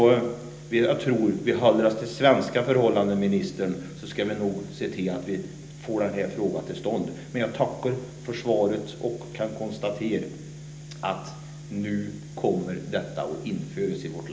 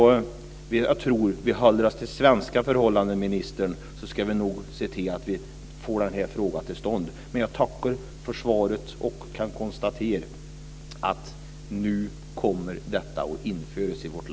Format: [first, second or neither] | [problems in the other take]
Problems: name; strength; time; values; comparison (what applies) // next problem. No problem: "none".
second | room echo; dies away in 0.8 s